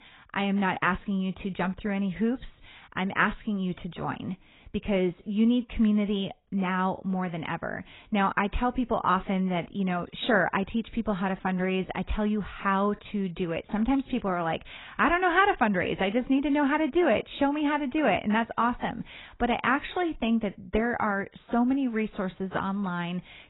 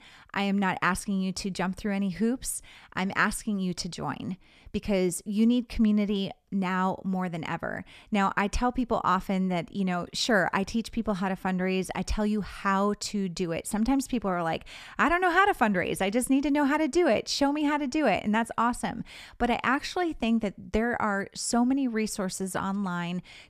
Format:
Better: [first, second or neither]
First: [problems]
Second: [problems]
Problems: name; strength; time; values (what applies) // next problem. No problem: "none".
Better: second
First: garbled, watery; badly; nothing above 4 kHz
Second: none